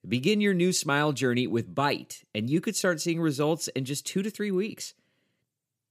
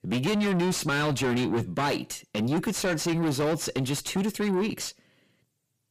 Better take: first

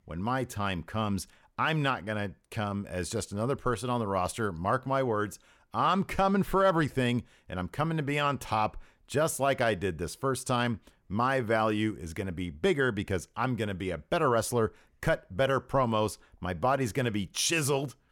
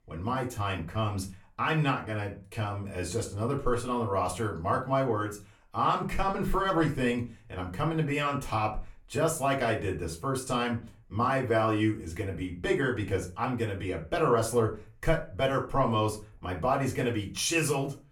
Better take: first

